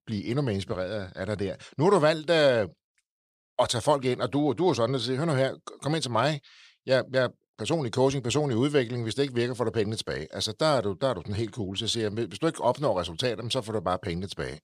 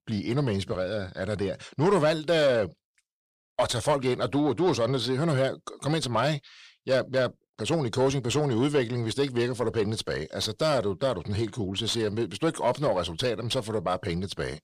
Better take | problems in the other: first | distortion; slight; 10 dB below the speech

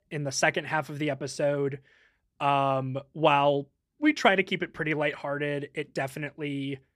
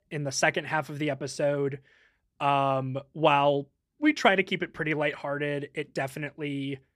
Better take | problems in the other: neither | none

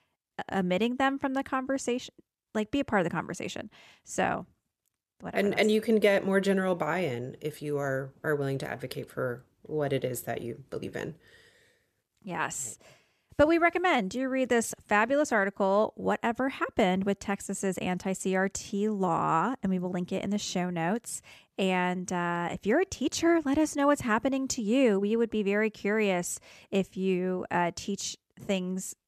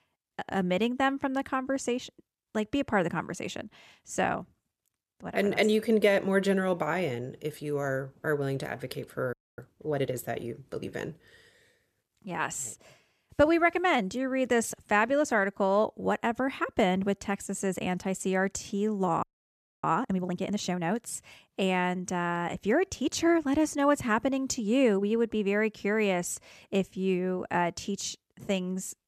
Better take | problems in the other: first | audio freezing; at 9.5 s and at 19 s for 0.5 s

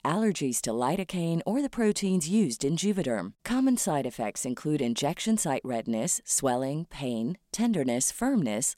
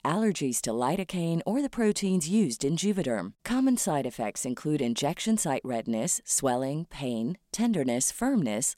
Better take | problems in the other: neither | none

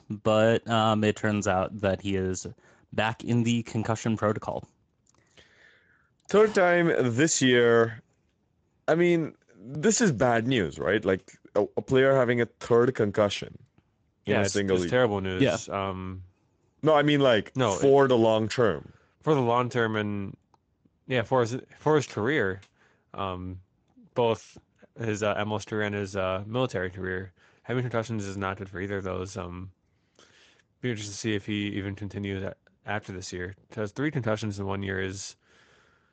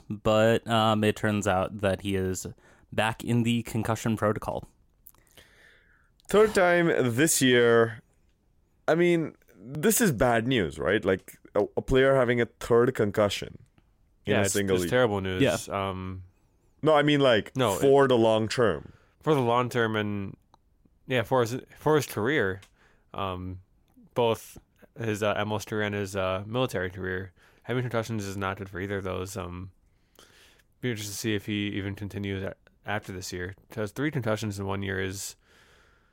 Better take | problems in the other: second | garbled, watery; slightly; nothing above 7.5 kHz

